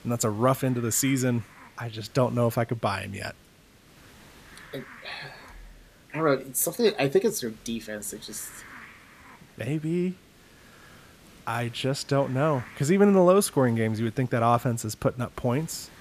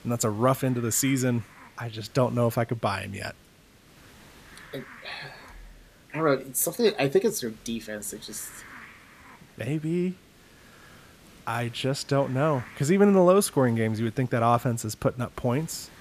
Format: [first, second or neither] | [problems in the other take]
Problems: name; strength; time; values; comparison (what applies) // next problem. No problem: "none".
neither | hiss; faint; throughout; 25 dB below the speech; the same in both